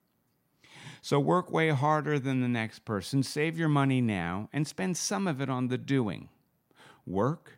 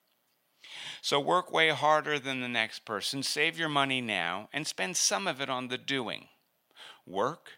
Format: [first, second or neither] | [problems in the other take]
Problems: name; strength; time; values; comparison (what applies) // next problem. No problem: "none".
first | thin; somewhat; fading below 1 kHz